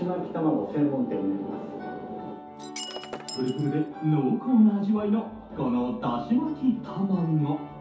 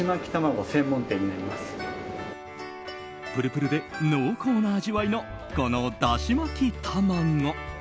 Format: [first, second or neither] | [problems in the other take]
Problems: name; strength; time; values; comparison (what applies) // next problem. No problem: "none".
second | background sound (Shatter); 14 dB below the speech // room echo; dies away in 0.5 s